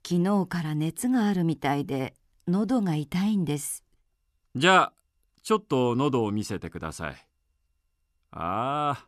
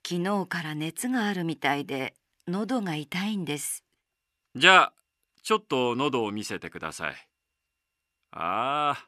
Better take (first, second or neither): first